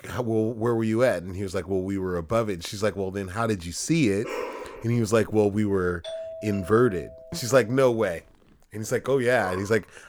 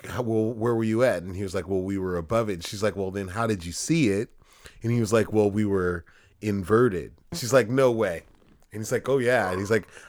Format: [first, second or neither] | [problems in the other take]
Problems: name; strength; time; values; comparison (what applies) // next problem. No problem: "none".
second | dog barking; noticeable; at 4 s; peak 7 dB below the speech // doorbell; faint; from 6 to 8 s; peak 10 dB below the speech